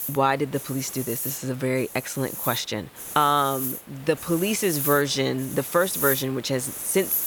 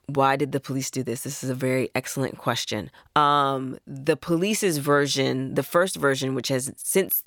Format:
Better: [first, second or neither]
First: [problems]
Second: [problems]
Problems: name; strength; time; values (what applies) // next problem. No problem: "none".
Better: second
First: hiss; loud; throughout; 6 dB below the speech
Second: none